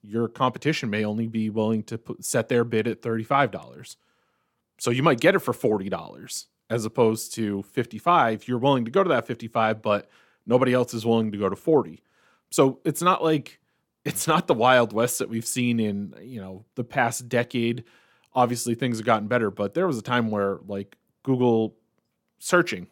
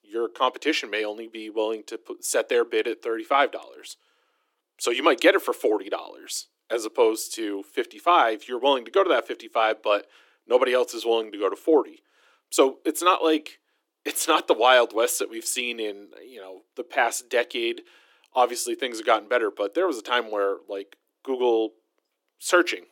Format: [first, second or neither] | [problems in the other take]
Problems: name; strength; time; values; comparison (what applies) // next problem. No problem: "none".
first | thin; very; fading below 300 Hz